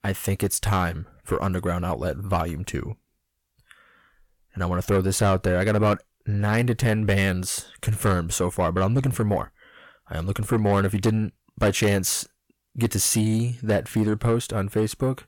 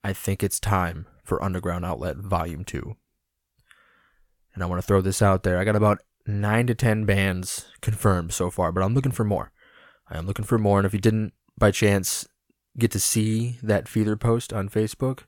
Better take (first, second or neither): second